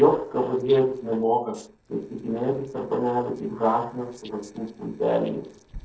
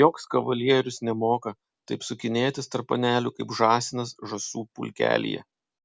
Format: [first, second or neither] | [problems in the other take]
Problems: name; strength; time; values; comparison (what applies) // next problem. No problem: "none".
second | noise reduction (neural separator model SepFormer DNS4)